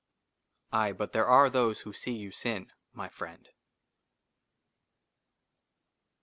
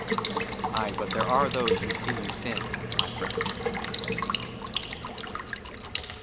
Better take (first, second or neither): first